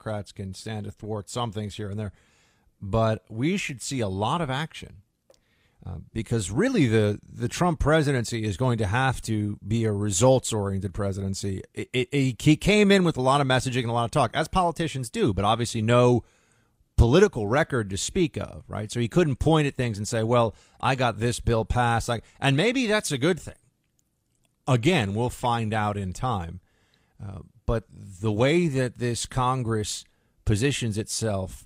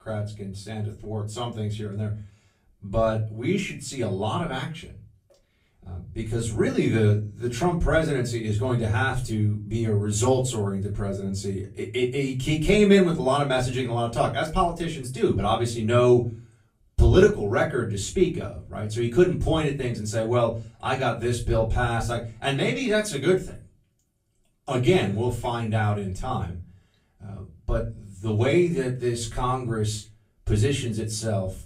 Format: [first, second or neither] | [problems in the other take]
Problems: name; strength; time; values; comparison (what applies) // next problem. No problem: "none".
first | off-mic speech; far // room echo; very slight; dies away in 0.3 s